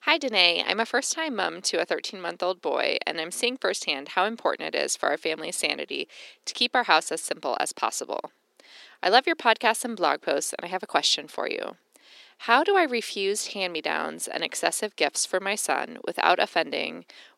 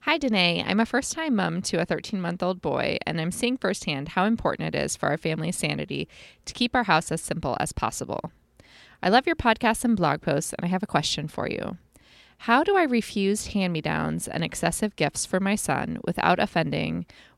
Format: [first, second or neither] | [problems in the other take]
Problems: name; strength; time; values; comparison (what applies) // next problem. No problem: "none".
second | thin; somewhat; fading below 350 Hz